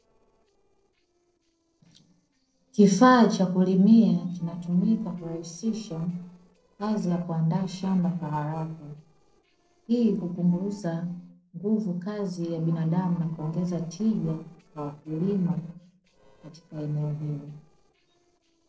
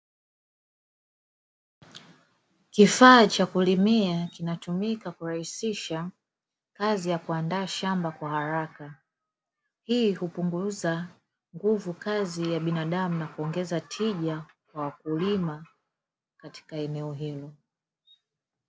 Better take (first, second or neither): second